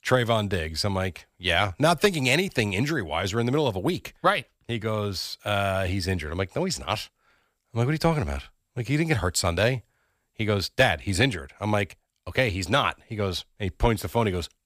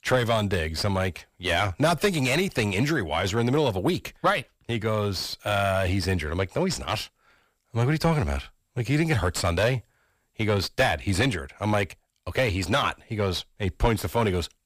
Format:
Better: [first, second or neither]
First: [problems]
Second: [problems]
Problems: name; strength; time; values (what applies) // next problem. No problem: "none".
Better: first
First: none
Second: distortion; slight; 10 dB below the speech